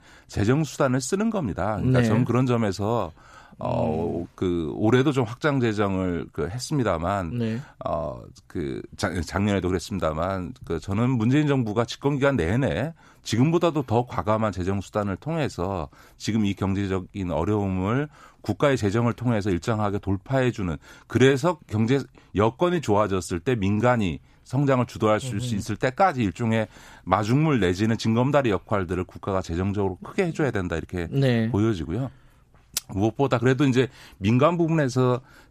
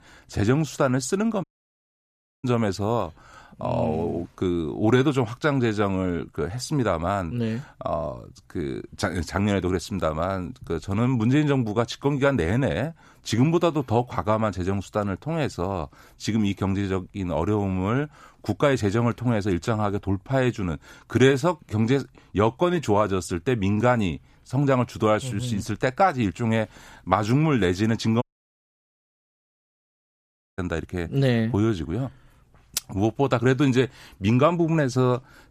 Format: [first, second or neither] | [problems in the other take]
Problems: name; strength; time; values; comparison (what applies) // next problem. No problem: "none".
first | audio cutting out; at 1.5 s for 1 s and at 28 s for 2.5 s